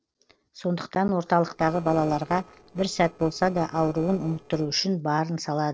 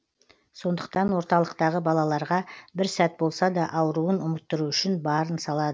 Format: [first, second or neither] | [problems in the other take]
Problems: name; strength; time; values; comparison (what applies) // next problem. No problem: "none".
second | noise reduction (neural separator model SepFormer DNS4)